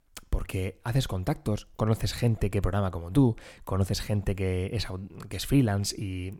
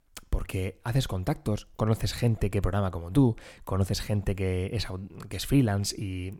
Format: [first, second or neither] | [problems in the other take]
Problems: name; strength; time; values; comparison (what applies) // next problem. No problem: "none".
neither | none